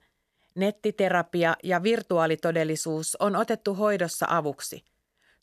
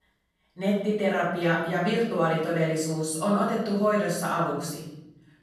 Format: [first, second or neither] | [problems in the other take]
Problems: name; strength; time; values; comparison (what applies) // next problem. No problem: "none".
first | off-mic speech; far // room echo; noticeable; dies away in 0.9 s